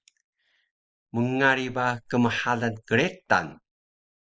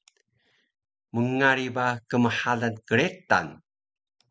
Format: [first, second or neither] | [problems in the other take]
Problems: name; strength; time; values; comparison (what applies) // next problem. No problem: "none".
second | noise reduction (neural mask model Resemble Enhance denoiser)